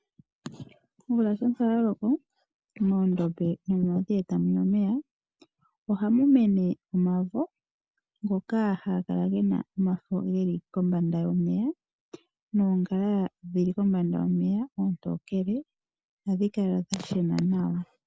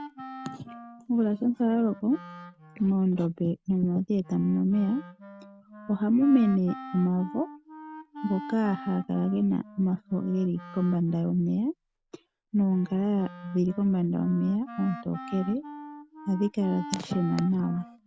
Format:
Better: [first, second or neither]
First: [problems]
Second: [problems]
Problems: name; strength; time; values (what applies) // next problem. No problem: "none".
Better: first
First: none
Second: background sound (Wind instrument, woodwind instrument); 17 dB below the speech